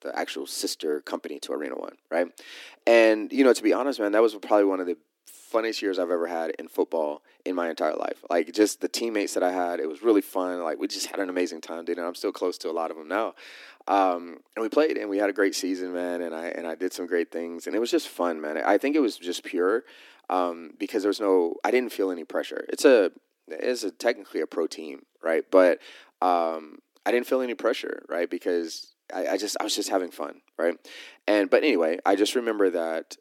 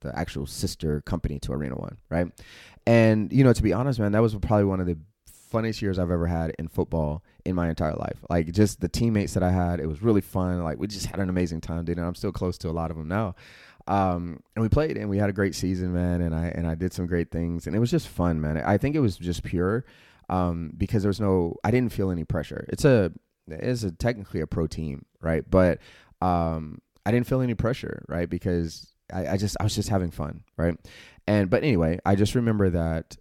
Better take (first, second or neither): second